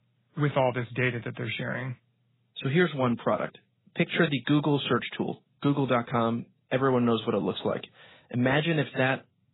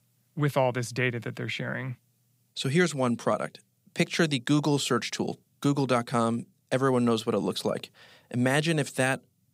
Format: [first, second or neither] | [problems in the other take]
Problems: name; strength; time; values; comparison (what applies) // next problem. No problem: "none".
second | garbled, watery; badly; nothing above 4 kHz